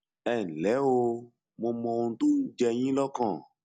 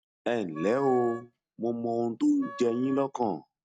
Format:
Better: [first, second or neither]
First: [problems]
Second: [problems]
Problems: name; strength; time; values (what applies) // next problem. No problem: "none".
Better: first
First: none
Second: noise reduction (neural mask model RNNoise)